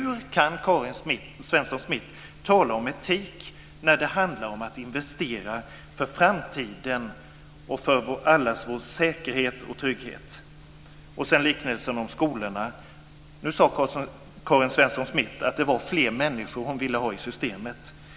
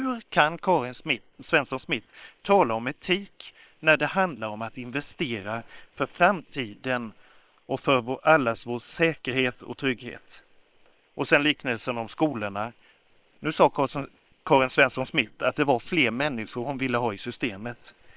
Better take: first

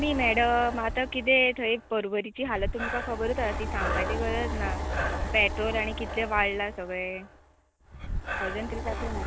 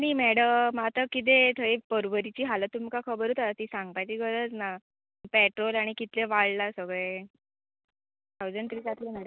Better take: second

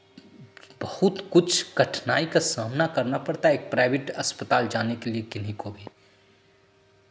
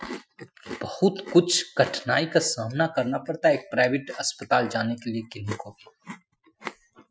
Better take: first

